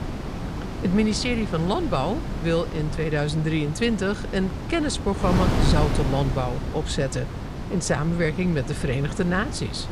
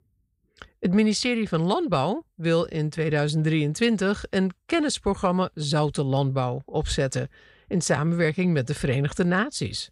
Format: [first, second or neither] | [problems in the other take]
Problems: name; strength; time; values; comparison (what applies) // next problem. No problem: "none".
second | wind noise on the microphone; heavy; 7 dB below the speech